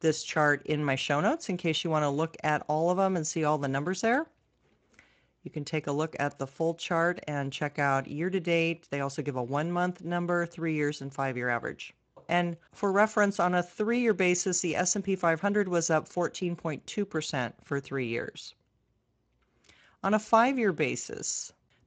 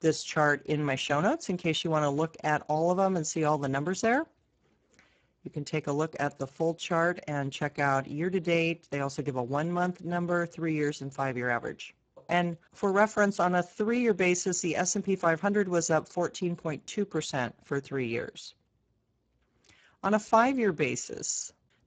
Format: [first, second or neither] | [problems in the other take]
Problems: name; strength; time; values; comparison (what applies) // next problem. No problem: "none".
first | garbled, watery; badly; nothing above 7.5 kHz; slightly in the first